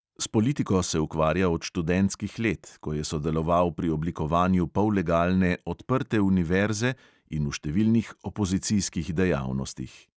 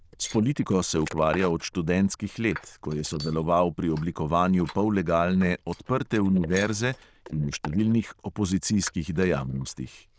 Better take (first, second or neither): first